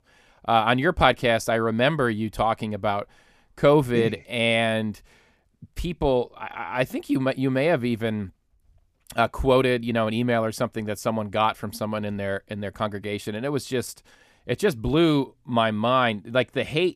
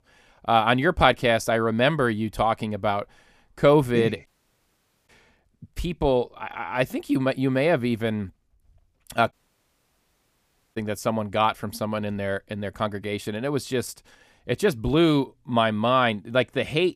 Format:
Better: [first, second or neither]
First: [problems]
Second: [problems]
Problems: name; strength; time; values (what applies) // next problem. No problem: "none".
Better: first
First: none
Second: audio cutting out; at 4.5 s for 1 s and at 9.5 s for 1.5 s